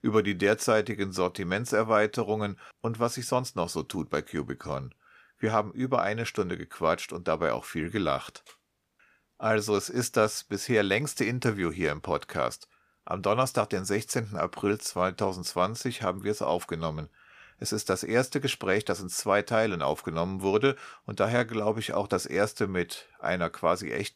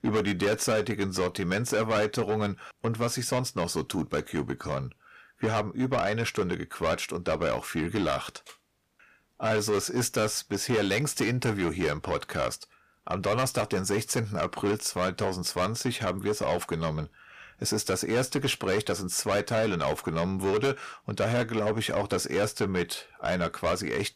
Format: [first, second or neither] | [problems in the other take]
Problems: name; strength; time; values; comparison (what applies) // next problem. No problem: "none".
first | distortion; heavy; 7 dB below the speech